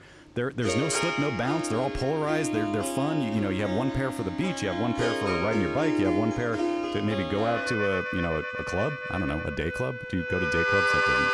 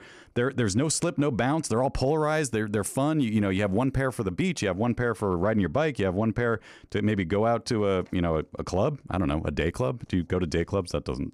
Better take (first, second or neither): second